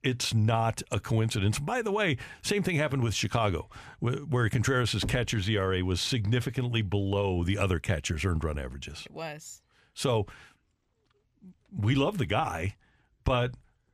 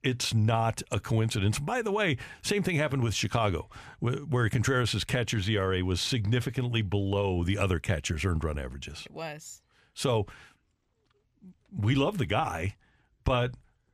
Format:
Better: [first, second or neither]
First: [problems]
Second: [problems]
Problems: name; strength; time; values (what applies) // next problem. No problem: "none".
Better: second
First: door banging; noticeable; at 5 s; peak 10 dB below the speech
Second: none